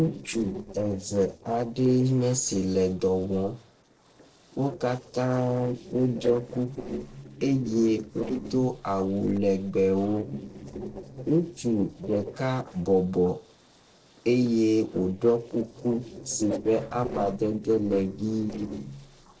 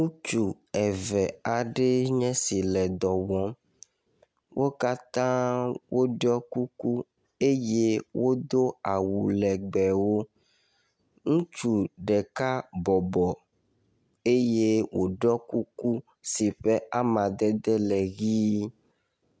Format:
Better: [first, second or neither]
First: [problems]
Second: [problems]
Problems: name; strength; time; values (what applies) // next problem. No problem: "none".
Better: second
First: noise reduction (neural separator model SepFormer DNS4)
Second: none